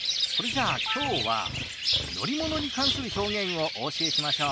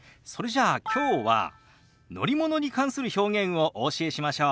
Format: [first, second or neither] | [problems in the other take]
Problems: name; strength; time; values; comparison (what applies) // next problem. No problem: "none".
second | background sound (Bird); 2 dB above the speech